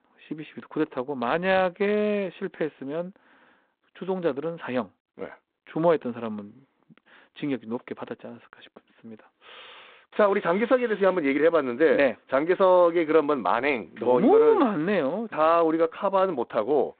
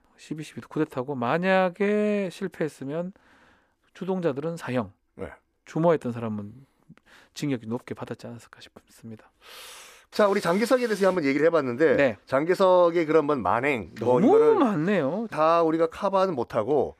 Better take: second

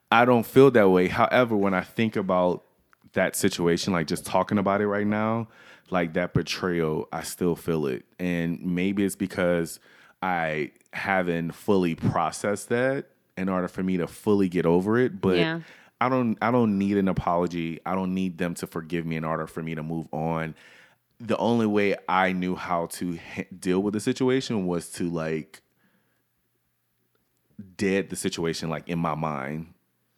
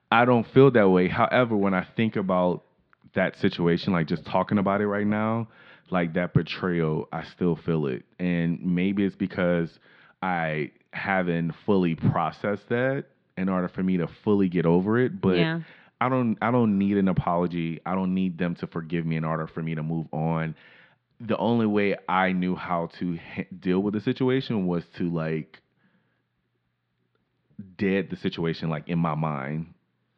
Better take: first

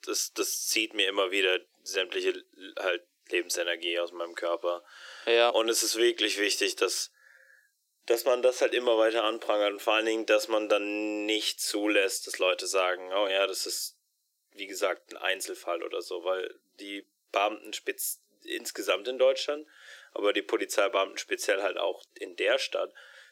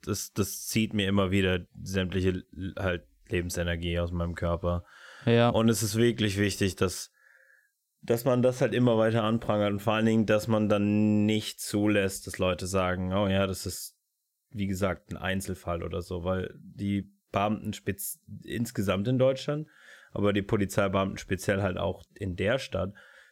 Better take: second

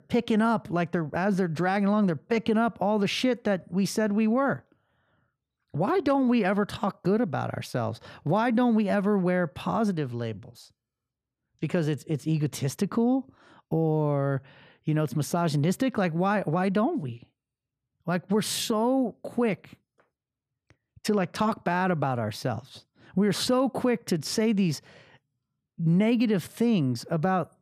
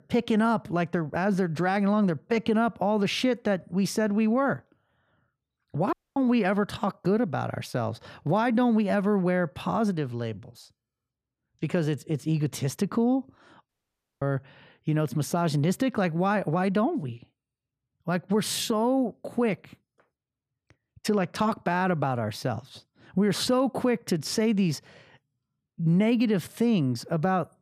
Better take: first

